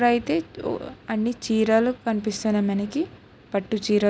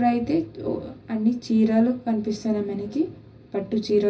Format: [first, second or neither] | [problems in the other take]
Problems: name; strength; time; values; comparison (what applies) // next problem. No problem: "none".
first | room echo; dies away in 0.4 s